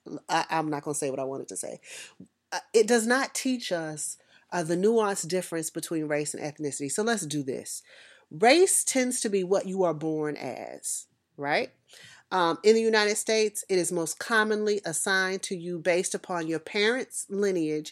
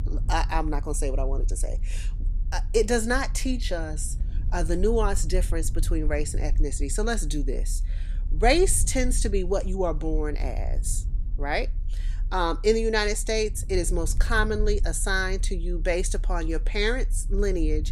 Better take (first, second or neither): first